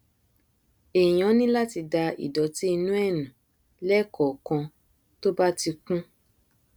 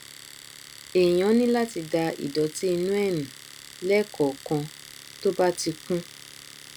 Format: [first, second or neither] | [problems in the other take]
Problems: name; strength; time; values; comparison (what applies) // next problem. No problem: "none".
first | background sound (Domestic sounds, home sounds); 18 dB below the speech